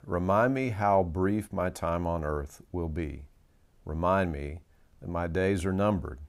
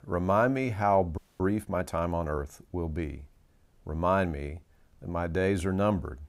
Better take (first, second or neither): first